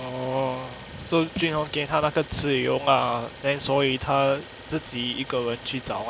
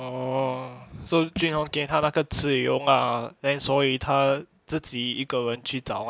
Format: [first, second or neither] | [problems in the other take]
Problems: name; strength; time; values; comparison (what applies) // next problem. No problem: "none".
second | background sound (Idling); 17 dB below the speech